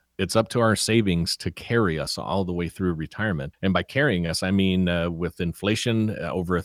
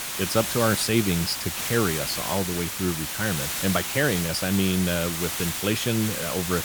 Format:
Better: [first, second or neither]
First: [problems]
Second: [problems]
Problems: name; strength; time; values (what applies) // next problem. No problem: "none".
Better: first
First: none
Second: hiss; loud; throughout; 2 dB below the speech